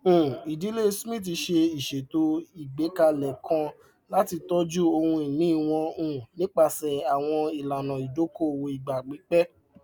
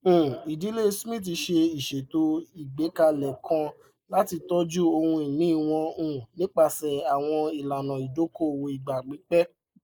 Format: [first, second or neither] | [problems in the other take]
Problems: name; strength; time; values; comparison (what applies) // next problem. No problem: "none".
first | noise reduction (neural mask model Resemble Enhance denoiser)